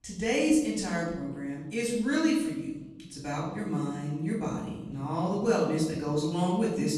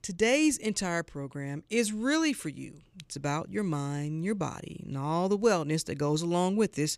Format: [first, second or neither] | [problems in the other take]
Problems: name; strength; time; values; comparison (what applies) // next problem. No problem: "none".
second | off-mic speech; far // room echo; noticeable; dies away in 1 s